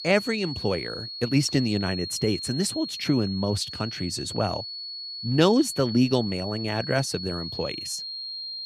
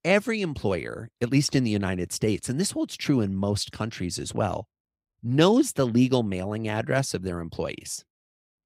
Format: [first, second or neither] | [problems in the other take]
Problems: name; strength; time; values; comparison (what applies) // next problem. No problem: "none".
second | high-pitched whine; loud; throughout; 4.5 kHz, 7 dB below the speech